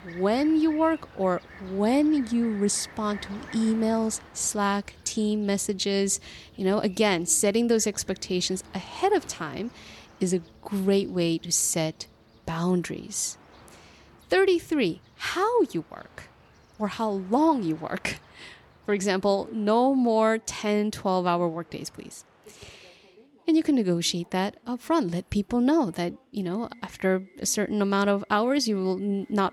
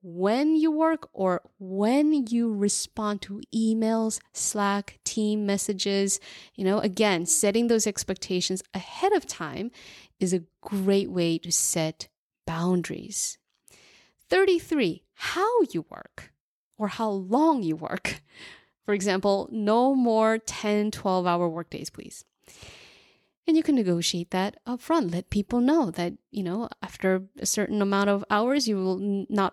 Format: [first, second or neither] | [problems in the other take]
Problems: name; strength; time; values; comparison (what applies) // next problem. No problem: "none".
second | train or aircraft noise; faint; throughout; 25 dB below the speech